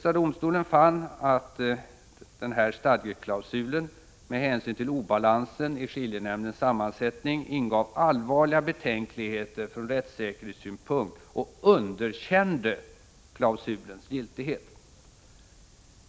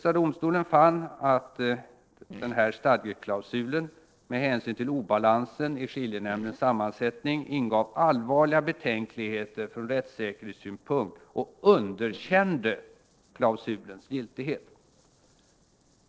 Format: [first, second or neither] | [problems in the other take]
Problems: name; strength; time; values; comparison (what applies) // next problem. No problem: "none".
first | noise reduction (neural separator model SepFormer DNS4)